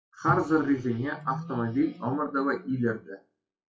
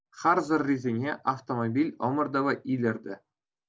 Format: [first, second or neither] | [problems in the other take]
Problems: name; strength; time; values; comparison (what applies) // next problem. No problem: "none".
second | noise reduction (classical method WPE with log-MMSE)